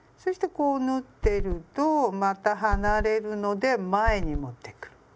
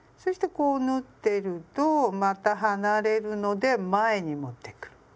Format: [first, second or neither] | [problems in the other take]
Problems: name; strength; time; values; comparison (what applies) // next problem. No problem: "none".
second | background sound (Run); 2 dB below the speech